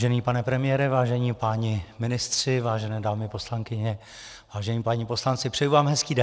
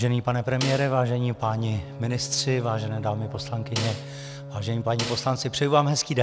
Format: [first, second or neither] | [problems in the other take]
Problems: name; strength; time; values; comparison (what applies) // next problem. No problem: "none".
first | background sound (Snare drum + Bowed string instrument); 11 dB below the speech